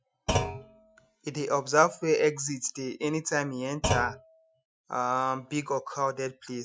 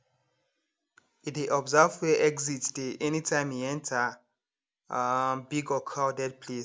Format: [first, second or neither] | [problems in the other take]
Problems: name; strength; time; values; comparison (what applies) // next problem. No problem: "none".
second | noise reduction (classical method Wiener filter)